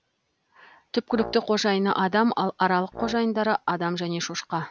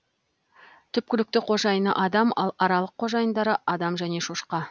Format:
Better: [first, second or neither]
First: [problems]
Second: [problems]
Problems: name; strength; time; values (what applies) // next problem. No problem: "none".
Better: second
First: background sound (Brass instrument); 18 dB below the speech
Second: none